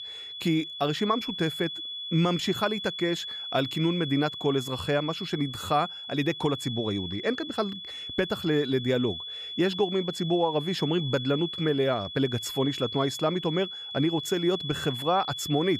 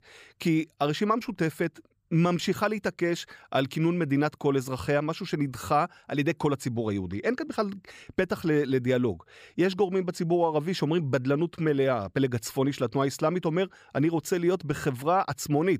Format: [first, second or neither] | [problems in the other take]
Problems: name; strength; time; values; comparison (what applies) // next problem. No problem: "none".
second | high-pitched whine; loud; throughout; 3.5 kHz, 7 dB below the speech